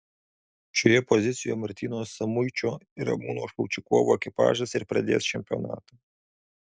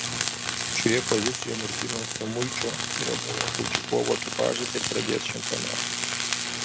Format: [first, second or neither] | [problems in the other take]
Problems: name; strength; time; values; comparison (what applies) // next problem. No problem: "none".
first | background sound (Tools); 1 dB above the speech